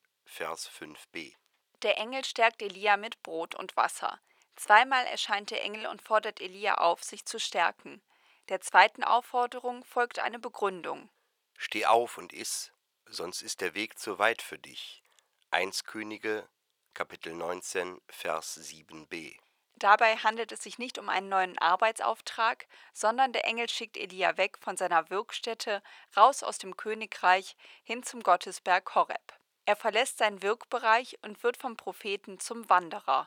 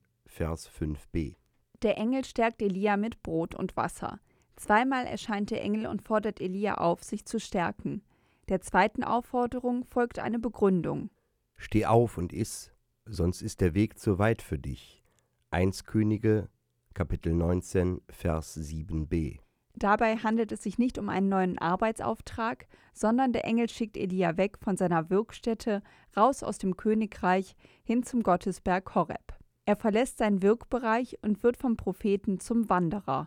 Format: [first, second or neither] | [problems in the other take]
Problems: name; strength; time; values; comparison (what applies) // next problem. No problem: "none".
second | thin; very; fading below 800 Hz